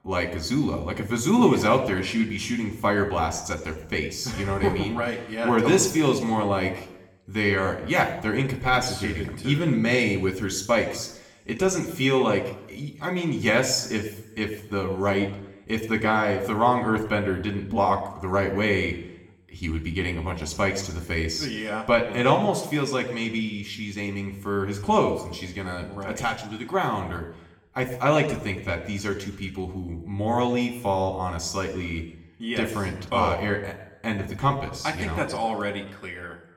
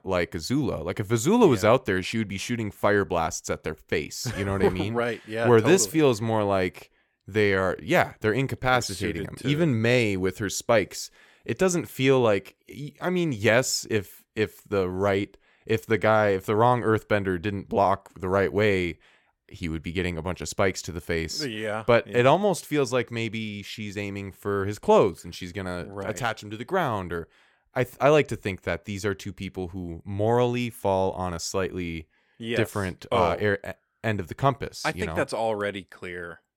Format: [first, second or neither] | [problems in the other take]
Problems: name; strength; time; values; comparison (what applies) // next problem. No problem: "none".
second | room echo; slight; dies away in 0.7 s // off-mic speech; somewhat distant